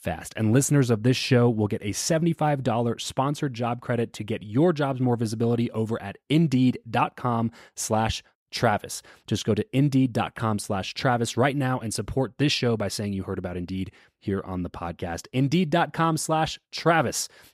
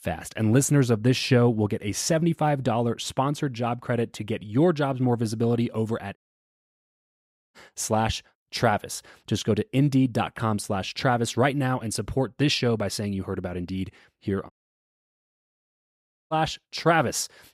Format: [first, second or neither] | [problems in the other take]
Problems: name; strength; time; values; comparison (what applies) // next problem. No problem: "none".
first | audio cutting out; at 6 s for 1.5 s and at 15 s for 2 s